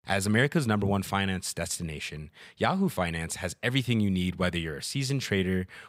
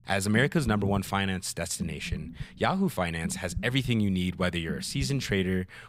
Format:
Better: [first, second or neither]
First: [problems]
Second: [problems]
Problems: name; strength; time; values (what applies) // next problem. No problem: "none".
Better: first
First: none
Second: low rumble; noticeable; throughout; 20 dB below the speech